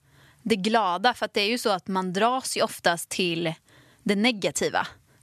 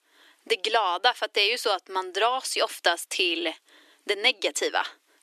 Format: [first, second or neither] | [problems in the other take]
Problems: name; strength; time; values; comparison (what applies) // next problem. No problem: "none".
first | thin; very; fading below 300 Hz